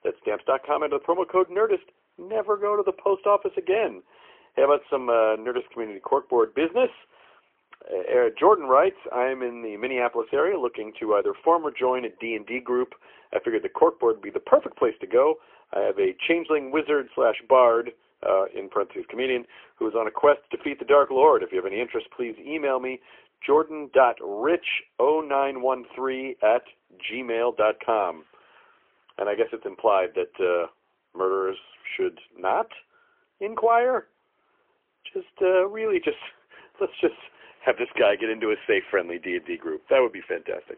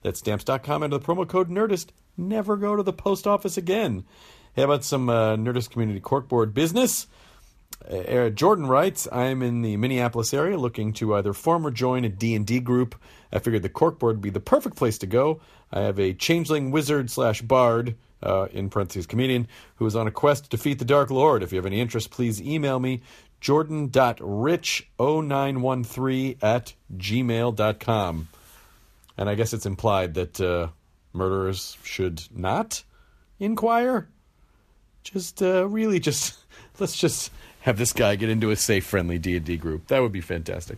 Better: second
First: phone-call audio; poor line; nothing above 3 kHz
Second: none

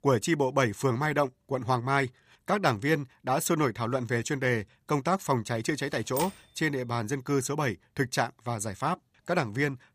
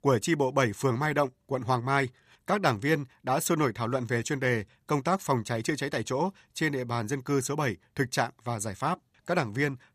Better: second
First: keyboard typing; noticeable; at 6 s; peak 7 dB below the speech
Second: none

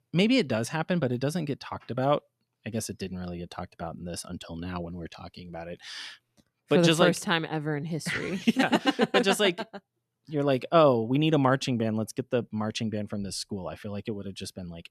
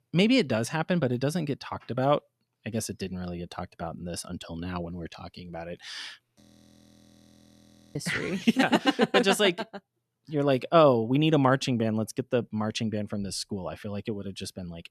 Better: first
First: none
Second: audio freezing; at 6.5 s for 1.5 s

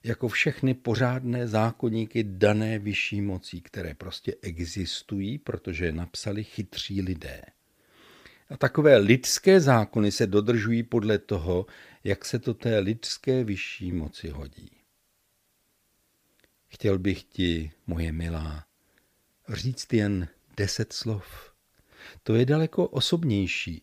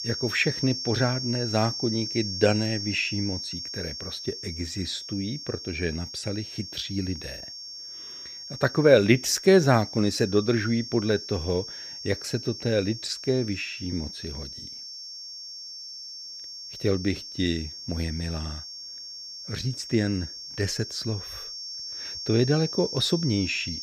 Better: first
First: none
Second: high-pitched whine; loud; throughout; 5.5 kHz, 8 dB below the speech

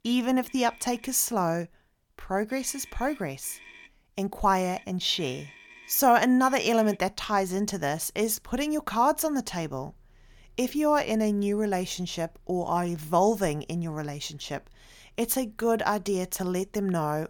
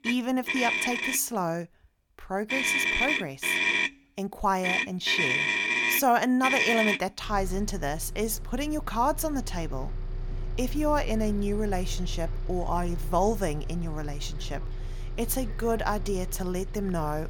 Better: first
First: traffic noise; faint; throughout; 25 dB below the speech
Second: traffic noise; loud; throughout; as loud as the speech

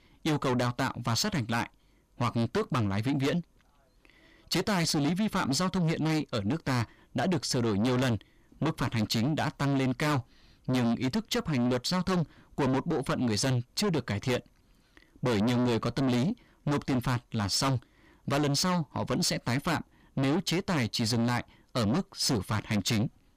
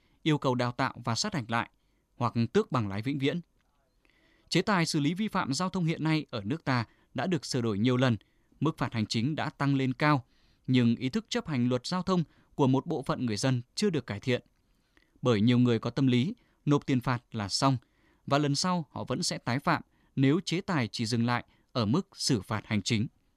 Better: second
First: distortion; heavy; 6 dB below the speech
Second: none

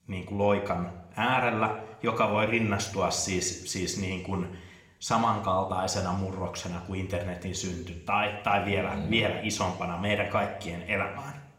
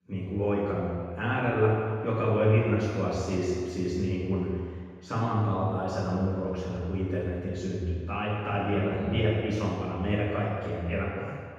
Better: first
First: room echo; slight; dies away in 0.8 s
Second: room echo; strong; dies away in 1.8 s // off-mic speech; far

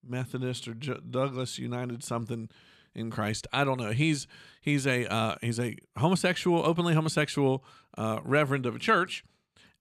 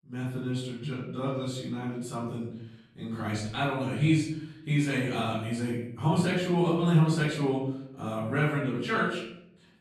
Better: first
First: none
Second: room echo; noticeable; dies away in 0.7 s // off-mic speech; far

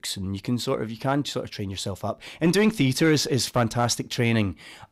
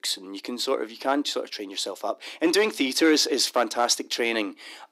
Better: first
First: none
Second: thin; somewhat; fading below 300 Hz

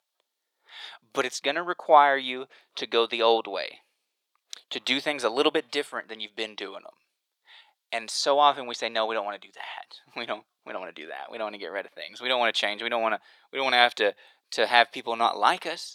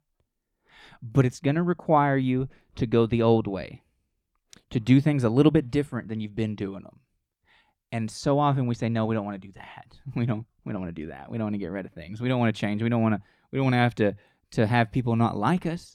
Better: second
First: thin; very; fading below 550 Hz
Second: none

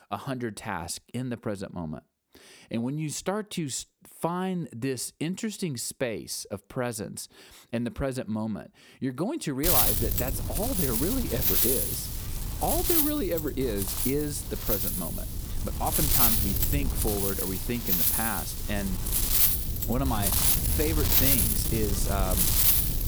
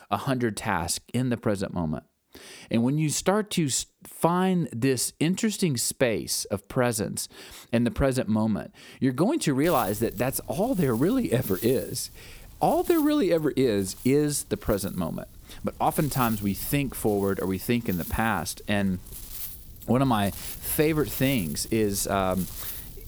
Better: second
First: wind noise on the microphone; heavy; from 9.5 s on; 2 dB above the speech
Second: wind noise on the microphone; occasional gusts; from 9.5 s on; 20 dB below the speech

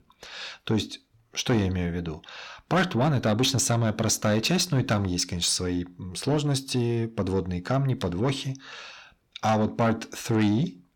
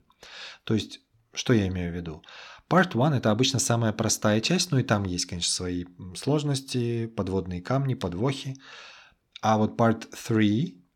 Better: second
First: distortion; slight; 10 dB below the speech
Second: none

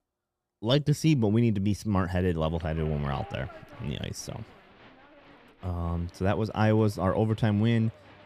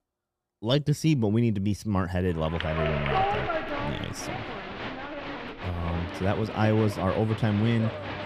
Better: first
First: crowd noise; faint; from 3 s on; 25 dB below the speech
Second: crowd noise; loud; from 3 s on; 6 dB below the speech

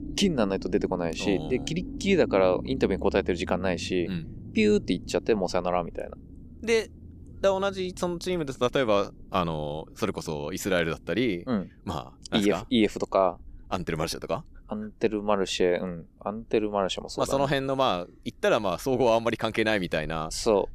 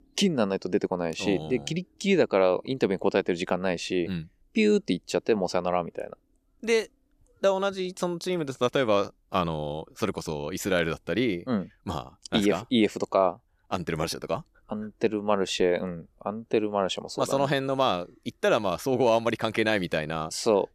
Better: second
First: low rumble; noticeable; throughout; 20 dB below the speech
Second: none

